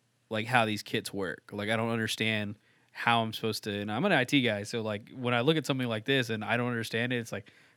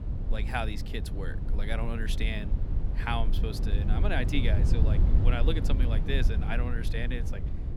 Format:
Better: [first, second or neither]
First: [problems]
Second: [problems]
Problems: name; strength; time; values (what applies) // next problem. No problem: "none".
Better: first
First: none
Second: low rumble; loud; throughout; 8 dB below the speech